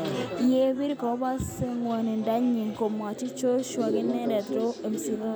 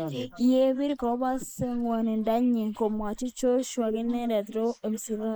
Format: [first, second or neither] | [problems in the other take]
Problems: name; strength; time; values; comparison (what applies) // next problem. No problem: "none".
first | noise reduction (neural mask model Resemble Enhance denoiser)